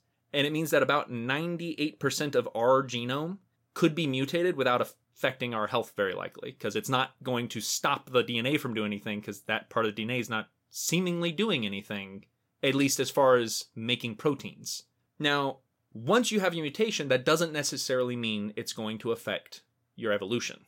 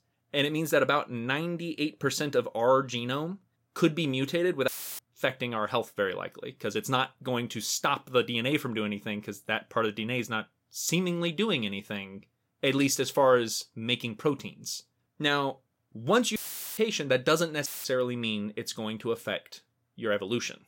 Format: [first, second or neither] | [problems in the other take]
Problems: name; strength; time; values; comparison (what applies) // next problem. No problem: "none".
first | audio cutting out; filled with static; at 4.5 s, at 16 s and at 18 s